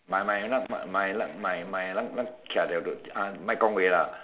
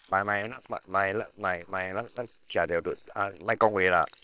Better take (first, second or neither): first